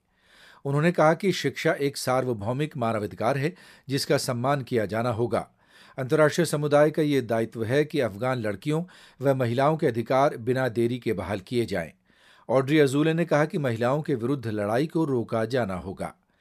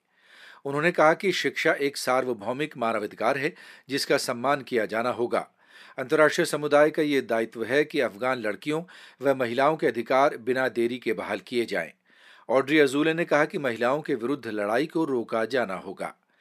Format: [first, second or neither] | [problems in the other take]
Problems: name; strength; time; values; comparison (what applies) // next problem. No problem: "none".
first | thin; very slightly; fading below 300 Hz